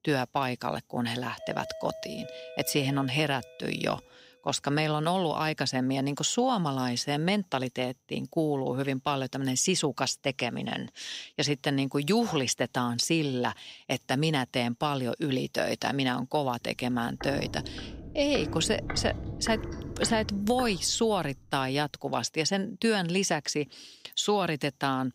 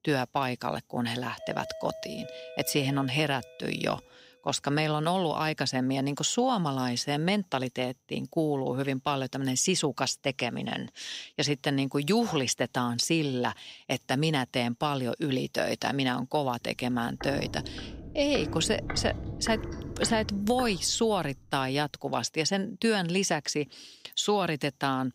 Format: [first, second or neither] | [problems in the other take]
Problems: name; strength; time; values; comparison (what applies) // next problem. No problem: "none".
neither | doorbell; faint; from 1.5 to 4 s; peak 10 dB below the speech; the same in both // footsteps; noticeable; from 17 to 21 s; peak 6 dB below the speech; the same in both